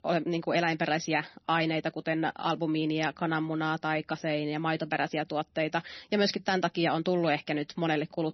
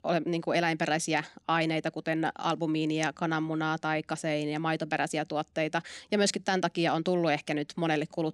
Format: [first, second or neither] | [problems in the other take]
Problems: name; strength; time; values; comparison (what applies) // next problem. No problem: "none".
second | garbled, watery; slightly; nothing above 6 kHz